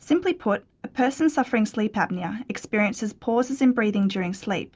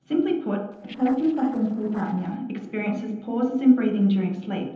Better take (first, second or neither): first